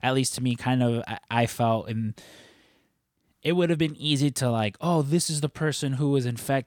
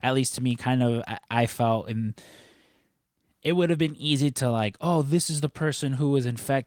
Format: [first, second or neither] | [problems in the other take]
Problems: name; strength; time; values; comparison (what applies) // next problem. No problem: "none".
first | garbled, watery; slightly; nothing above 17.5 kHz